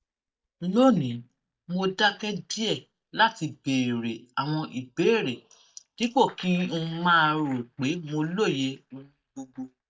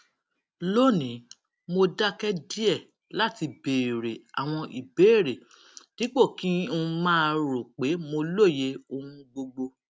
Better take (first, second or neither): second